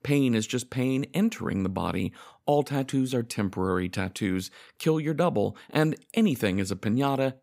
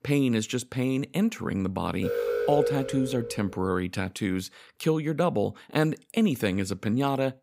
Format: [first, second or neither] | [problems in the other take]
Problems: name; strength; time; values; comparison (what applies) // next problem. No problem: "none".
first | alarm; loud; from 2 to 3.5 s; peak 1 dB above the speech